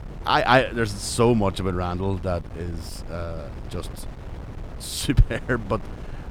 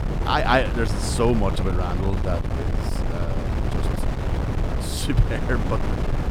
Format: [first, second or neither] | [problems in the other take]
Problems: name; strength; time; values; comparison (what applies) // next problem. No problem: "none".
first | wind noise on the microphone; heavy; 7 dB below the speech; occasional gusts in the first